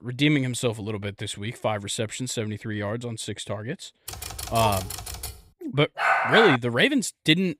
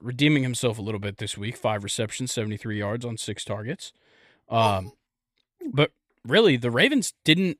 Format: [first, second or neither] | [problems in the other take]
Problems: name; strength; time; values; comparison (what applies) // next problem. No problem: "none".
second | keyboard typing; noticeable; from 4 to 5.5 s; peak 6 dB below the speech // dog barking; loud; at 6 s; peak 5 dB above the speech